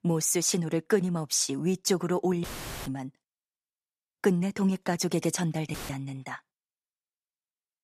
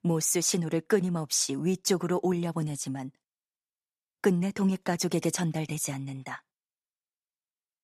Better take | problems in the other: second | audio cutting out; filled with static; at 2.5 s and at 5.5 s

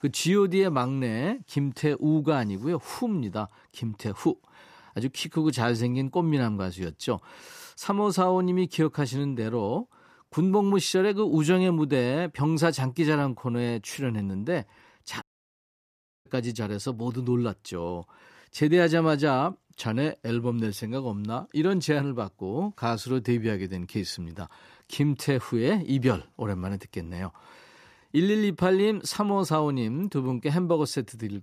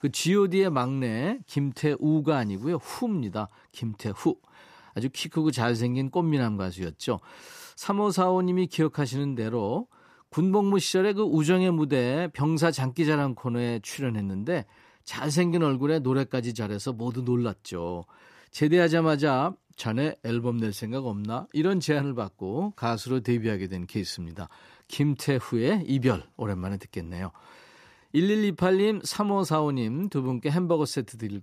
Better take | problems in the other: second | audio cutting out; at 15 s for 1 s

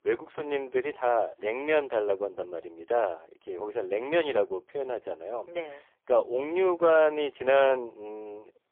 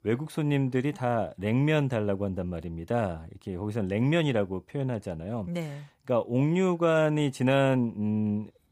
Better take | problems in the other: second | phone-call audio; poor line; nothing above 3.5 kHz

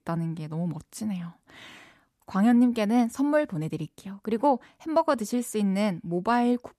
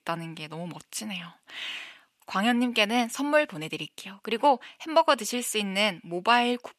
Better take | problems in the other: first | thin; somewhat; fading below 800 Hz

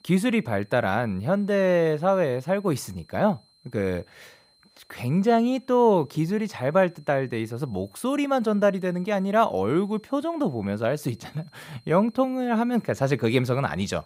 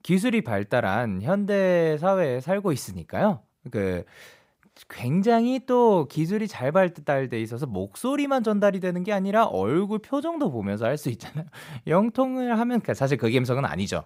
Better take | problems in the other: second | high-pitched whine; faint; throughout; 4 kHz, 35 dB below the speech

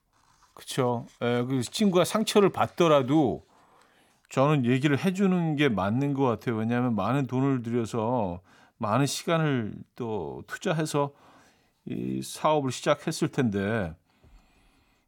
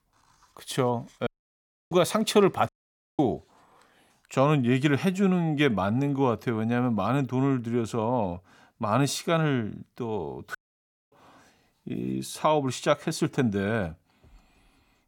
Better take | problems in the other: first | audio cutting out; at 1.5 s for 0.5 s, at 2.5 s for 0.5 s and at 11 s for 0.5 s

